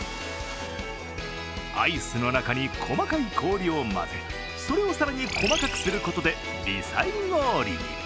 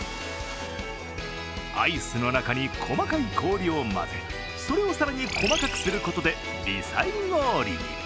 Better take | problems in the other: first | background sound (Bowed string instrument); 20 dB below the speech

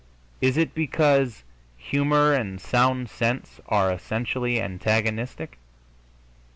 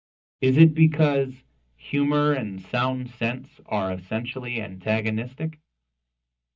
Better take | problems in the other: first | noise reduction (neural mask model DeepFilterNet 3)

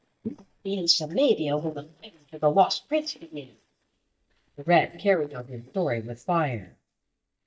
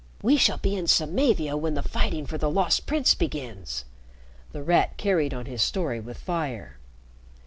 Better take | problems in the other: second | noise reduction (neural mask model DeepFilterNet 3)

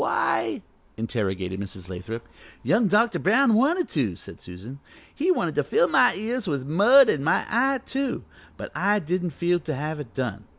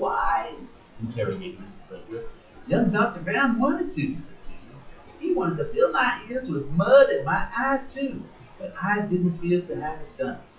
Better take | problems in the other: first | noise reduction (classical method WPE with log-MMSE)

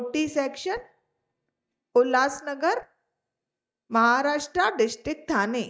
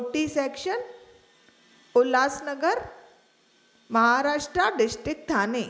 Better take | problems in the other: second | noise reduction (neural mask model DeepFilterNet 3)

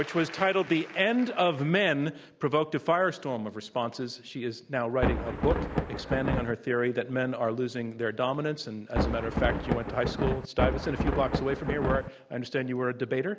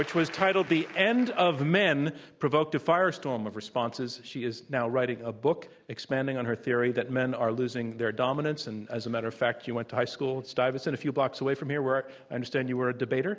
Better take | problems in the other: second | background sound (Thunder); as loud as the speech

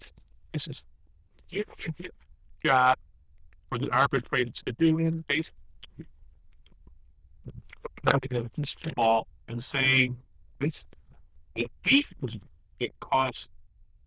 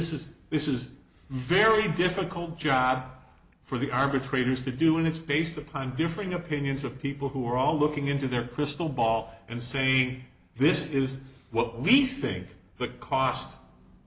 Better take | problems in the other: second | noise reduction (neural diffusion model UNIVERSE++)

